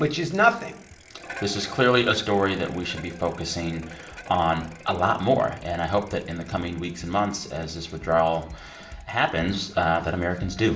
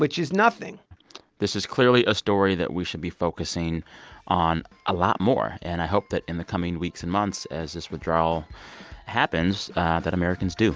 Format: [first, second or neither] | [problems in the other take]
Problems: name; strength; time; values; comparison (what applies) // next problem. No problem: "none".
second | background sound (Bicycle); 20 dB below the speech // room echo; dies away in 0.4 s